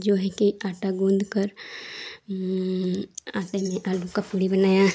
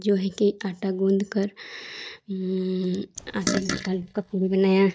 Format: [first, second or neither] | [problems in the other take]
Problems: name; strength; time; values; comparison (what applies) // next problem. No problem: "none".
first | noise reduction (neural mask model DeepFilterNet 3)